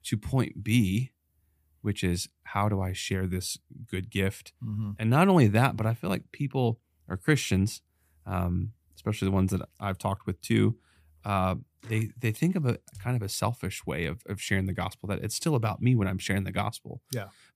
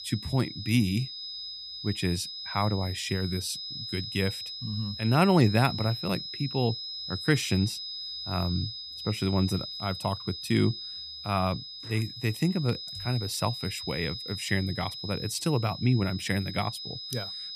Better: first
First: none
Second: high-pitched whine; loud; throughout; 5 kHz, 7 dB below the speech

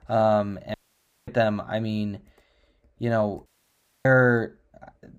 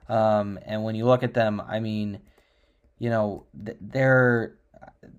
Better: second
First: audio cutting out; at 0.5 s for 0.5 s and at 3.5 s for 0.5 s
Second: none

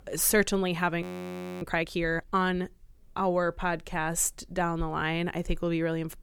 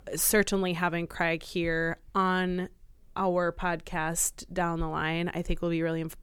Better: second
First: audio freezing; at 1 s for 0.5 s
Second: none

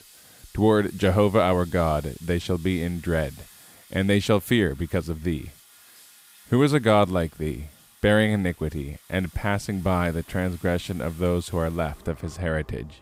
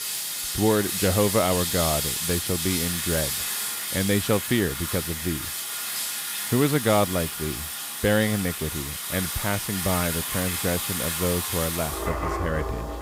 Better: first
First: household noises; faint; throughout; 25 dB below the speech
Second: household noises; loud; throughout; 1 dB below the speech

